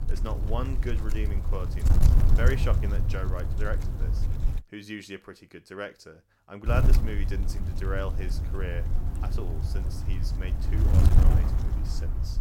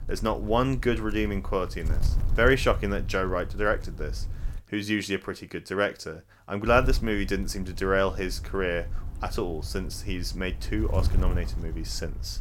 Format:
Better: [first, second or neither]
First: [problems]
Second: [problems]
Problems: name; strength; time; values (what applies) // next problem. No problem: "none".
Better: second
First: wind noise on the microphone; heavy; until 4.5 s and from 6.5 s on; 4 dB below the speech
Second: wind noise on the microphone; occasional gusts; until 4.5 s and from 6.5 s on; 20 dB below the speech